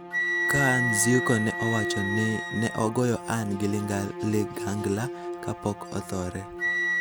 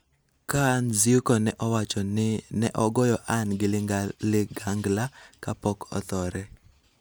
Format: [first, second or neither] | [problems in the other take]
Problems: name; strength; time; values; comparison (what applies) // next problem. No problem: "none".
second | background sound (Bowed string instrument + Wind instrument, woodwind instrument); 2 dB below the speech